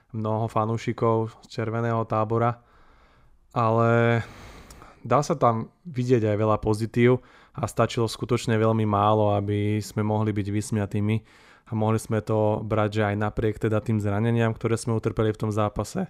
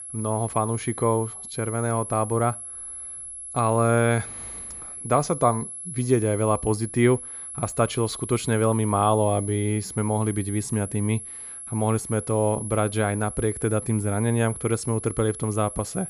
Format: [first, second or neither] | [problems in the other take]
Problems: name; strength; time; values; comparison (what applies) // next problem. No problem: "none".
first | high-pitched whine; loud; throughout; 11 kHz, 9 dB below the speech